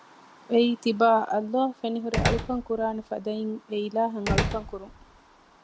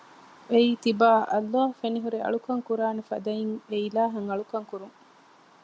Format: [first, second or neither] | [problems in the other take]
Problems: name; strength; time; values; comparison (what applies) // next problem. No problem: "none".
second | background sound (Slam); 5 dB below the speech